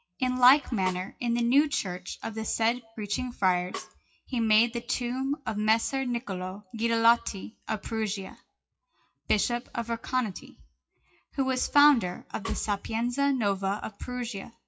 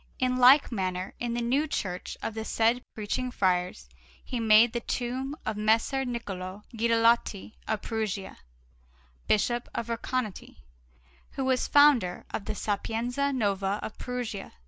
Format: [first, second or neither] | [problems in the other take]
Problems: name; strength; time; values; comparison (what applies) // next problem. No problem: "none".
second | noise reduction (classical method WPE with log-MMSE)